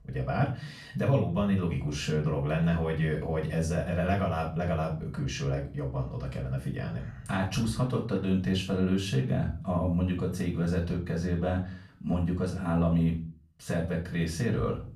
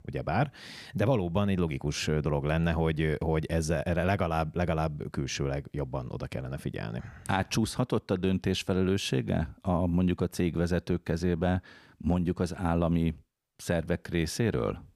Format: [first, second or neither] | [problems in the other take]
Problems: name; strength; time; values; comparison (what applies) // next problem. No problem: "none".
second | off-mic speech; far // room echo; slight; dies away in 0.3 s